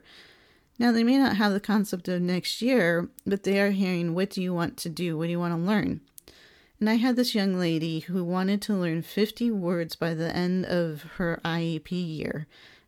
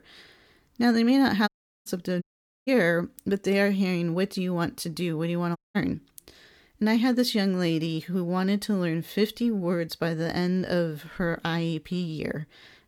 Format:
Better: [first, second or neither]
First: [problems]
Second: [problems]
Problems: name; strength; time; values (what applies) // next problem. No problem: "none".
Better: first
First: none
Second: audio cutting out; at 1.5 s, at 2 s and at 5.5 s